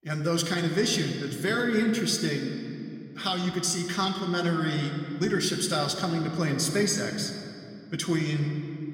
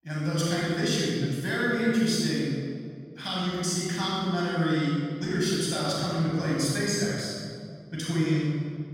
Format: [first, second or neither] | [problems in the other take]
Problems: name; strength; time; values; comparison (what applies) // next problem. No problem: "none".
first | room echo; strong; dies away in 1.9 s; slight in the first // off-mic speech; far; somewhat distant in the first